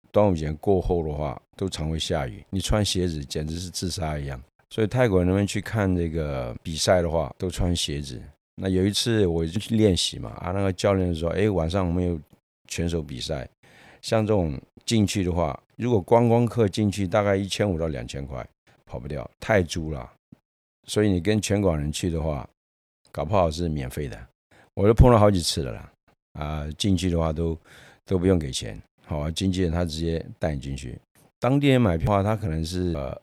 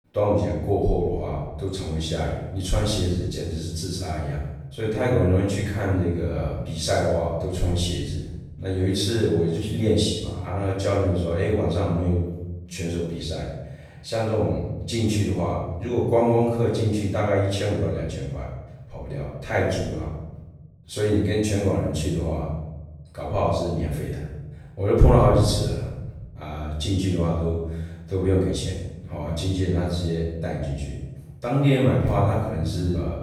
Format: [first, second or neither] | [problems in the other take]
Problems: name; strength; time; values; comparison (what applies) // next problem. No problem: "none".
first | off-mic speech; far // room echo; noticeable; dies away in 1 s